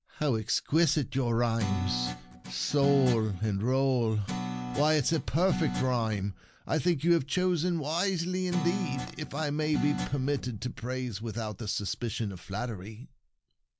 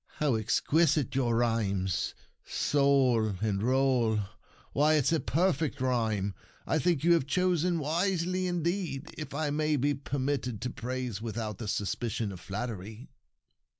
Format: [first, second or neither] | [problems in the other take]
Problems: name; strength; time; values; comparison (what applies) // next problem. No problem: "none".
second | background sound (Guitar); 8 dB below the speech